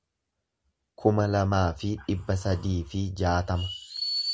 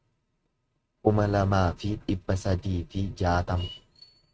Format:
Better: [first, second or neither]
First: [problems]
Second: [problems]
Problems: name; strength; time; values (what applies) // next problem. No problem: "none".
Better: first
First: none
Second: noise reduction (neural mask model RNNoise)